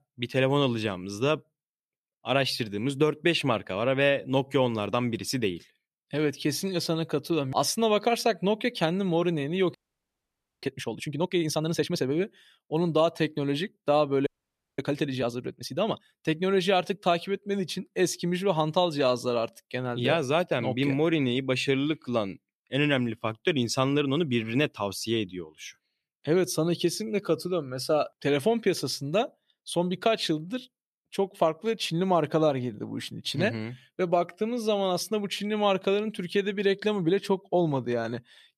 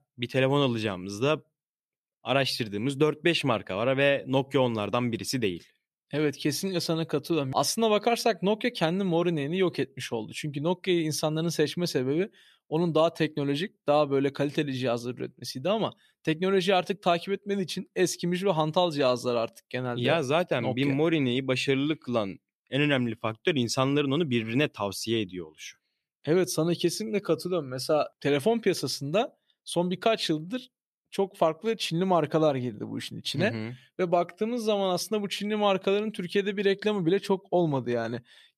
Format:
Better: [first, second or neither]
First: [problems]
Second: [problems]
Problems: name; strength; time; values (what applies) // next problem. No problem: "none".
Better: second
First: audio freezing; at 10 s for 1 s and at 14 s for 0.5 s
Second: none